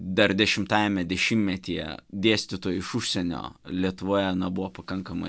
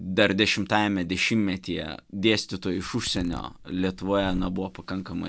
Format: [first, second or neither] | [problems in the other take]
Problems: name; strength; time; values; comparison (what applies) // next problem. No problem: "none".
first | background sound (Zipper (clothing)); 13 dB below the speech